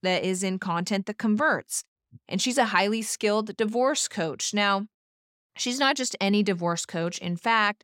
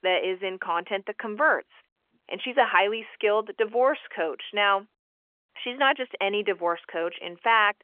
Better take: first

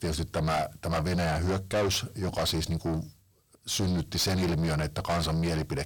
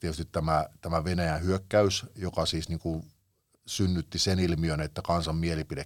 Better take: second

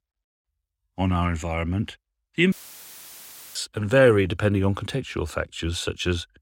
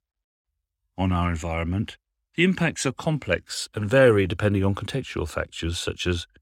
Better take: second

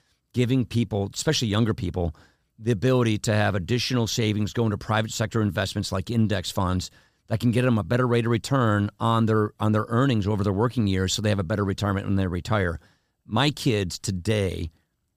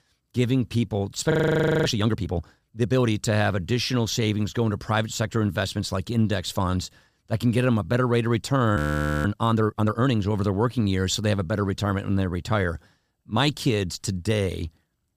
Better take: first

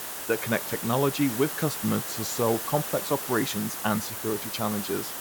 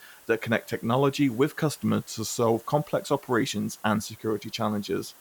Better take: second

